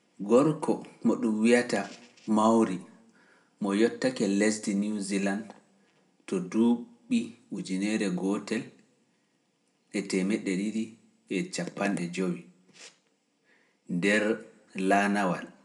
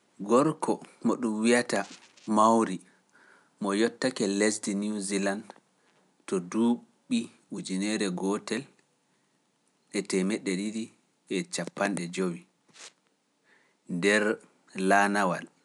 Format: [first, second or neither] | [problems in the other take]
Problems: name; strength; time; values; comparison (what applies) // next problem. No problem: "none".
second | room echo; dies away in 0.4 s